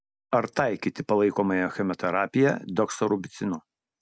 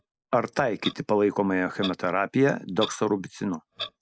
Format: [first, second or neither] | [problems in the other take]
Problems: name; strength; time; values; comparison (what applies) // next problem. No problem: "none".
first | noise reduction (neural mask model Resemble Enhance denoiser)